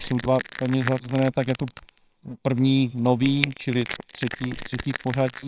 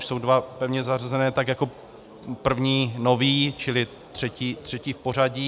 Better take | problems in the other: second | noise reduction (neural separator model SepFormer WHAMR!)

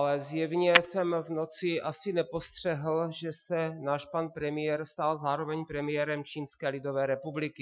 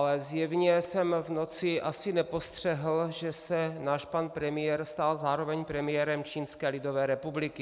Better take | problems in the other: second | noise reduction (classical method Wiener filter)

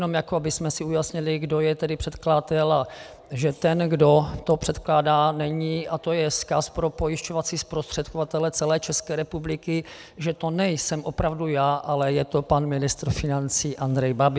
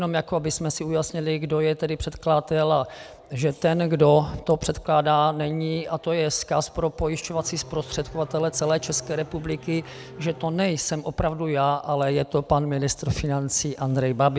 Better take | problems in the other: first | background sound (Race car, auto racing / Engine starting); 19 dB below the speech

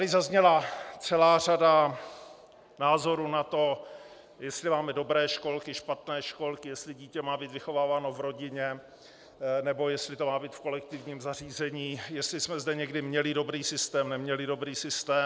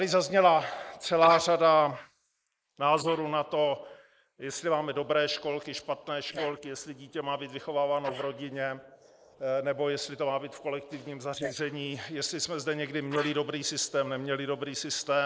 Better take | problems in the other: first | noise reduction (neural mask model Resemble Enhance denoiser)

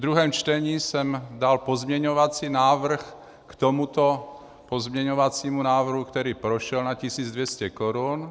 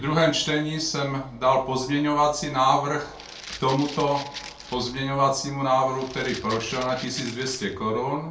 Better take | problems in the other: first | background sound (Rattle (instrument)); 15 dB below the speech // room echo; dies away in 0.3 s

